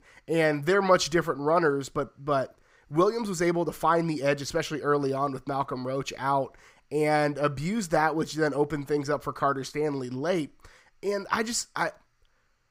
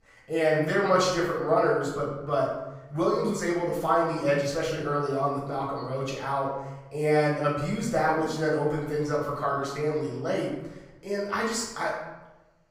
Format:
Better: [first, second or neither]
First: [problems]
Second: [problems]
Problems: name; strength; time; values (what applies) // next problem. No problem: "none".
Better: first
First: none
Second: off-mic speech; far // room echo; noticeable; dies away in 0.9 s